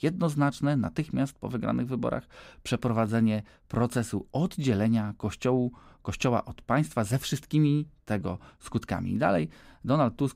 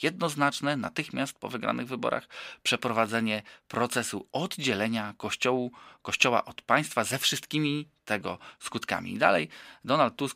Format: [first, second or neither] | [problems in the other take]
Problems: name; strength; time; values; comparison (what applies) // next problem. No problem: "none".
first | thin; somewhat; fading below 850 Hz